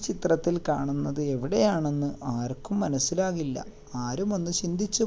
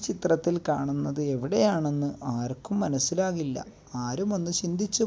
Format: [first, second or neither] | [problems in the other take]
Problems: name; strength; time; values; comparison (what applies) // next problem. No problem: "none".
second | background sound (Telephone); 17 dB below the speech